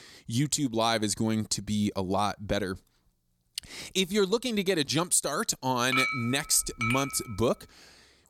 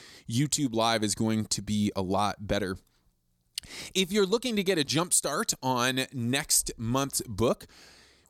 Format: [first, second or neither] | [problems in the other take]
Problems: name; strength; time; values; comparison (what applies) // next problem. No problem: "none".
second | clattering dishes; loud; from 6 to 7 s; peak 1 dB above the speech